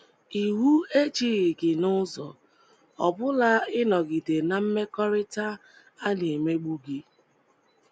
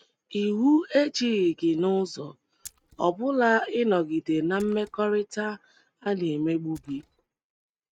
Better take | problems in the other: first | noise reduction (neural mask model RNNoise)

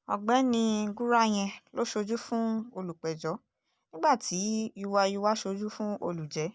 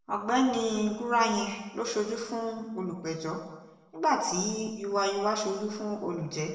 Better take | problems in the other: first | room echo; dies away in 0.9 s

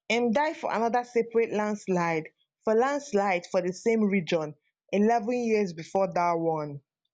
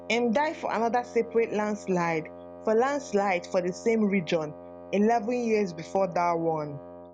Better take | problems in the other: first | background sound (Wind instrument, woodwind instrument); 17 dB below the speech

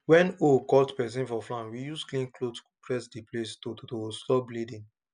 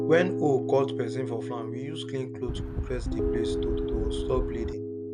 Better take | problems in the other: first | background sound (Piano + Wind); as loud as the speech

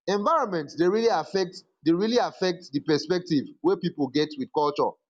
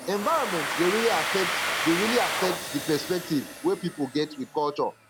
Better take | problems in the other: first | background sound (Domestic sounds, home sounds); 3 dB below the speech

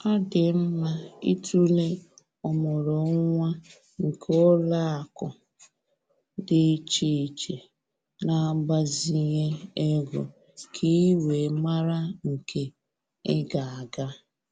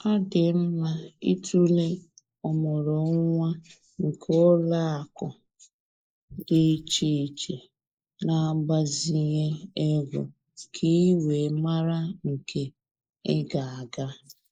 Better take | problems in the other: first | noise reduction (neural mask model Resemble Enhance denoiser)

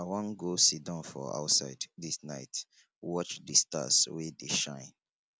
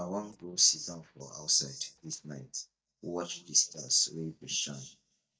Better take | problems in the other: first | noise reduction (neural mask model DeepFilterNet 3)

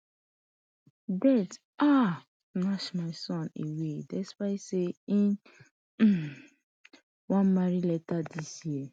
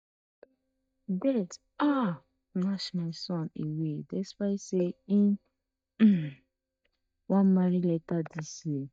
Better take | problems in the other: first | noise reduction (neural mask model DeepFilterNet 3)

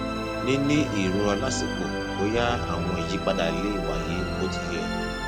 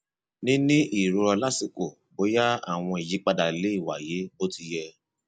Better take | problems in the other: second | background sound (Musical instrument); as loud as the speech

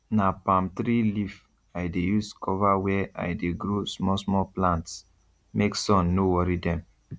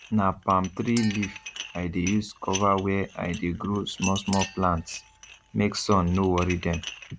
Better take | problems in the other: first | background sound (Dishes, pots, and pans + Chink, clink); 14 dB below the speech

